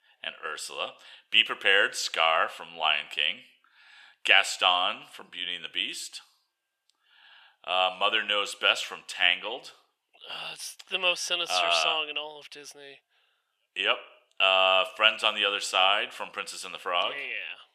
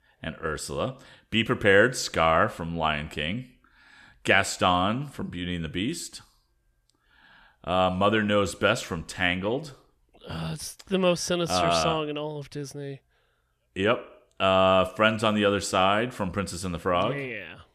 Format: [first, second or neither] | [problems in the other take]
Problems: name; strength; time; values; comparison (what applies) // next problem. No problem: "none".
second | thin; very; fading below 700 Hz